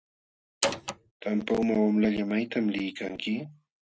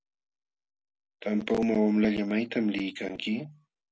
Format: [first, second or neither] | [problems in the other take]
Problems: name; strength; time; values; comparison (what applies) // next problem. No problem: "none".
second | noise reduction (neural mask model RNNoise)